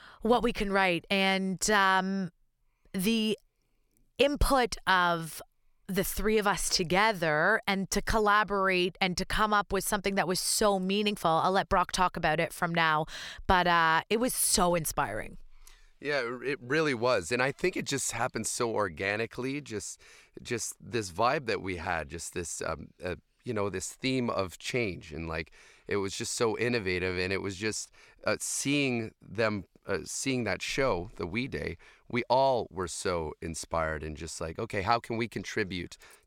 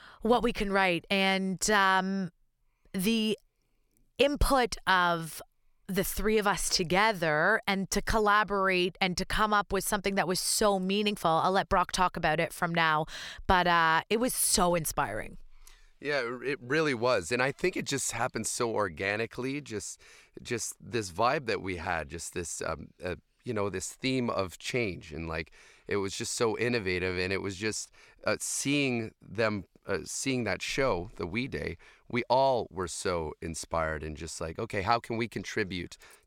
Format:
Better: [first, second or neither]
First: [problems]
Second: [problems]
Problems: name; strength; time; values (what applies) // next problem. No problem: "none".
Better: neither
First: none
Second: none